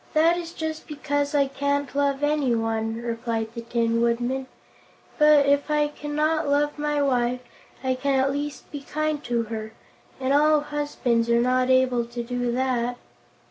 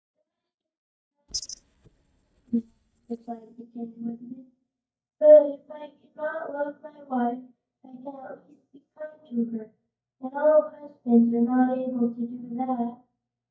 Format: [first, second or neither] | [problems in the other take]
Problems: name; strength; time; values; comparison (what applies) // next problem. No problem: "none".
first | noise reduction (neural mask model DeepFilterNet 3)